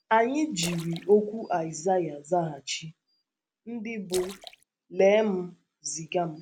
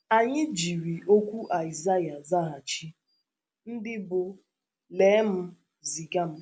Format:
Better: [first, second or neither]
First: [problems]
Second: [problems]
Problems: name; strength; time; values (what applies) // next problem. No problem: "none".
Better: second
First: background sound (Splash, splatter); 18 dB below the speech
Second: none